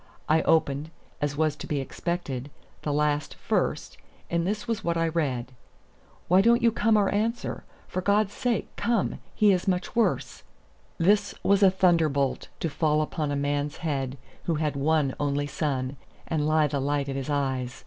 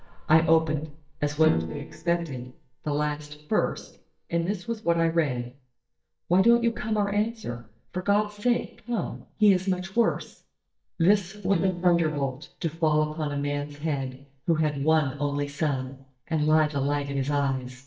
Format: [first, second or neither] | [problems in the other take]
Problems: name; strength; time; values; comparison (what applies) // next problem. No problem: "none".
first | noise reduction (neural mask model DeepFilterNet 3)